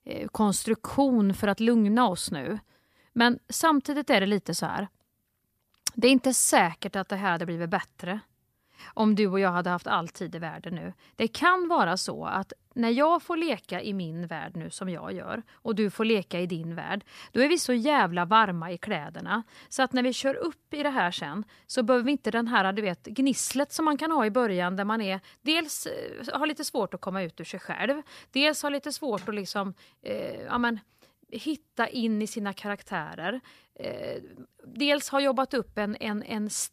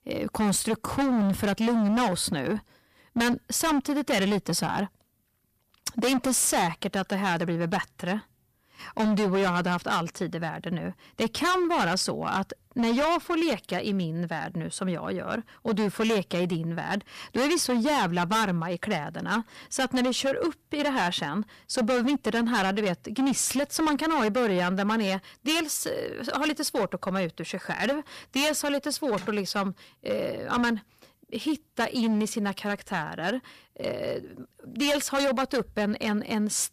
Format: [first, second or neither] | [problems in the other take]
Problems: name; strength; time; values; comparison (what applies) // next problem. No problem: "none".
first | distortion; heavy; 14% of the sound clipped